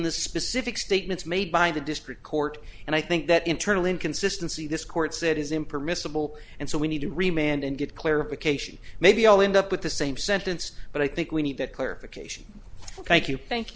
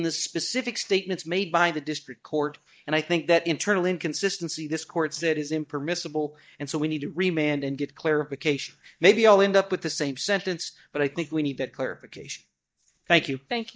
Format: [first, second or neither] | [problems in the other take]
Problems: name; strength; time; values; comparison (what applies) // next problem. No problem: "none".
first | noise reduction (neural mask model DeepFilterNet 3)